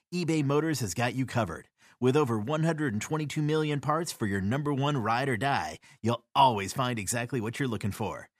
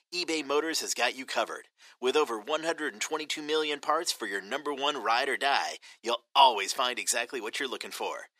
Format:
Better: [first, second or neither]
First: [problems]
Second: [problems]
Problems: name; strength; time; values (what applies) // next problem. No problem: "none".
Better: first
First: none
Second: thin; very; fading below 350 Hz